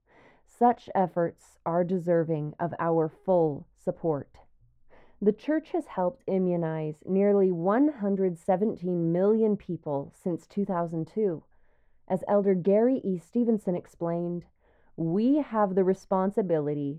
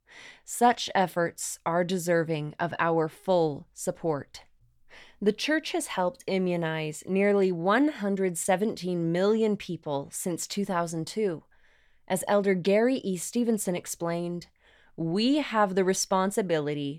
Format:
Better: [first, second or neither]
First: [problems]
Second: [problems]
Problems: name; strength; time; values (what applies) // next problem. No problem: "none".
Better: second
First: muffled; very; fading above 2 kHz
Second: none